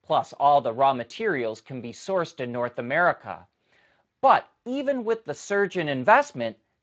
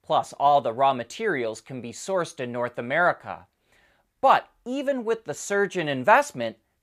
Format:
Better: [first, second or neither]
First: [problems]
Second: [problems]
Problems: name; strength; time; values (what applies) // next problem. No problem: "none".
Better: second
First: garbled, watery; slightly; nothing above 7.5 kHz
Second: none